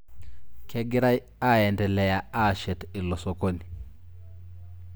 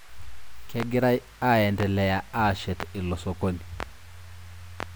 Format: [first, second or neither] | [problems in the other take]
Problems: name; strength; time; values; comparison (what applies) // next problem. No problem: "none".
first | background sound (Clock); 17 dB below the speech